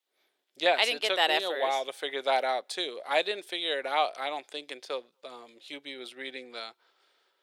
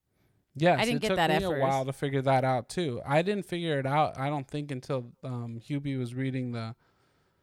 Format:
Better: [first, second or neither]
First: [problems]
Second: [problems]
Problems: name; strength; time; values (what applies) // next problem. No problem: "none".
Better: second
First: thin; very; fading below 400 Hz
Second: none